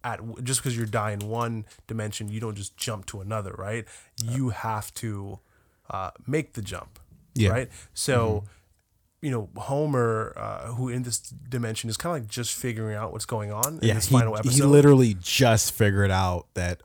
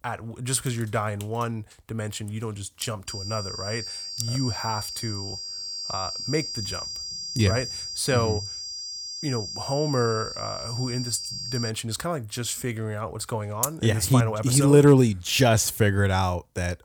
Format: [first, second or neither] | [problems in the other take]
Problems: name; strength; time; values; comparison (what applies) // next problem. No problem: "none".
first | high-pitched whine; loud; from 3 to 12 s; 4.5 kHz, 6 dB below the speech